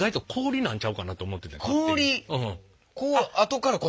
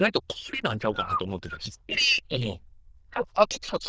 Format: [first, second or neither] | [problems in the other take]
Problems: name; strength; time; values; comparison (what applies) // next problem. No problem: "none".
first | noise reduction (neural diffusion model UNIVERSE++)